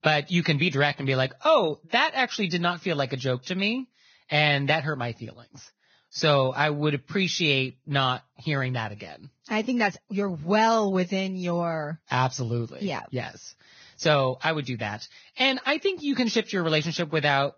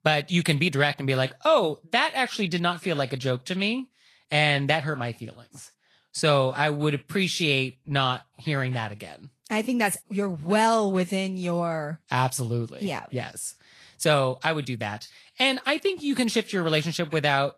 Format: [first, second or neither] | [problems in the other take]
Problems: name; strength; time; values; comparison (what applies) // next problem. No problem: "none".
second | garbled, watery; badly; nothing above 6.5 kHz; slightly in the second